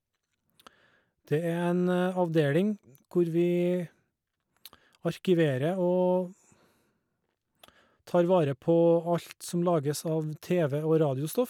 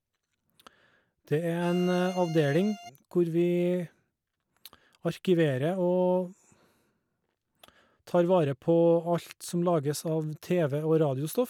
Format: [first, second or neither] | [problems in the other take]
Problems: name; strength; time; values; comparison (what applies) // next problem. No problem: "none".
first | background sound (Bowed string instrument); 15 dB below the speech